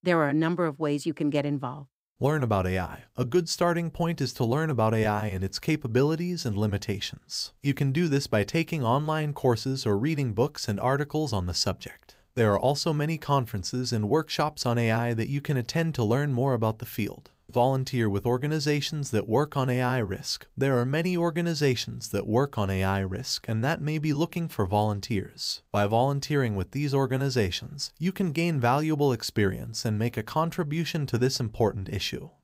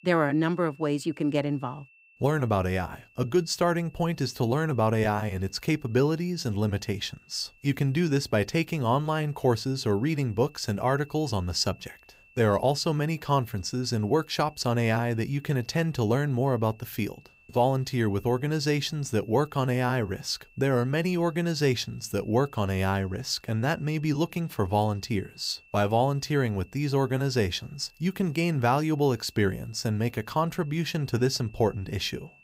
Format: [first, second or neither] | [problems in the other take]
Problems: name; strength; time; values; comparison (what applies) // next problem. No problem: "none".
first | high-pitched whine; faint; throughout; 2.5 kHz, 30 dB below the speech